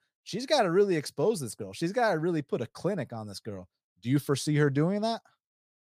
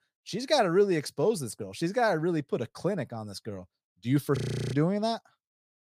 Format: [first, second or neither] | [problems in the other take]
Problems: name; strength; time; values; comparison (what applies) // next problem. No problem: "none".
first | audio freezing; at 4.5 s